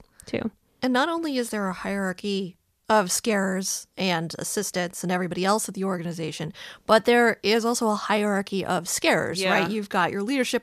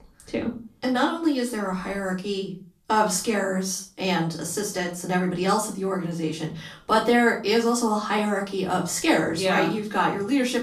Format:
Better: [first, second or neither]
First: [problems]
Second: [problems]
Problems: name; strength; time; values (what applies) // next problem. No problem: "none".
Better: first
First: none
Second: off-mic speech; far // room echo; slight; dies away in 0.3 s